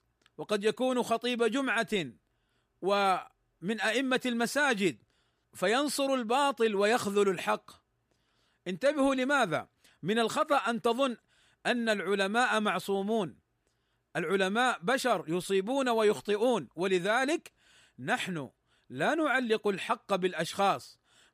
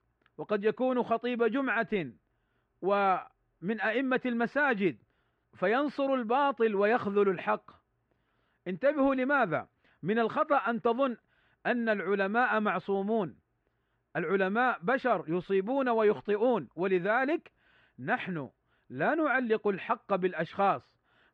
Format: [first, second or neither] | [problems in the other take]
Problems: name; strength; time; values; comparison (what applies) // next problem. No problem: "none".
first | muffled; very; fading above 2.5 kHz